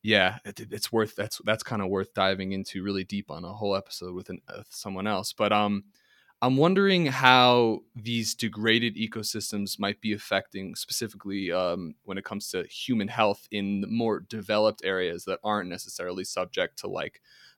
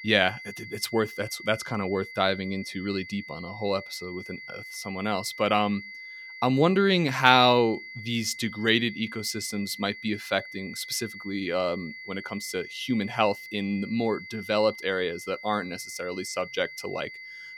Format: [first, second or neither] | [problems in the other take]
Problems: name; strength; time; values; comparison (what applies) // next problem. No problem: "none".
first | high-pitched whine; noticeable; throughout; 2 kHz, 15 dB below the speech